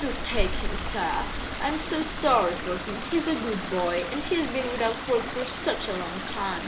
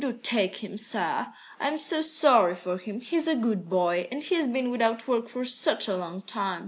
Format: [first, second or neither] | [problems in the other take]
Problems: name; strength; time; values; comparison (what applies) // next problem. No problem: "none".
second | background sound (Stream); 3 dB below the speech // room echo; dies away in 0.8 s